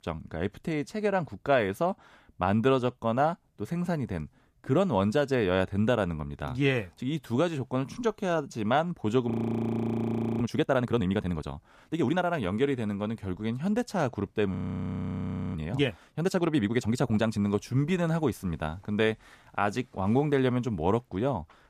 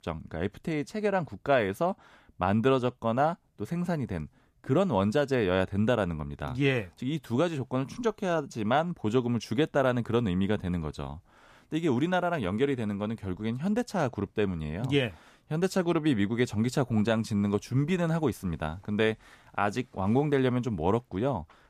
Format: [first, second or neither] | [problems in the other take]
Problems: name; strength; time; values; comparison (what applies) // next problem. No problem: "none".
second | audio freezing; at 9.5 s for 1 s and at 15 s for 1 s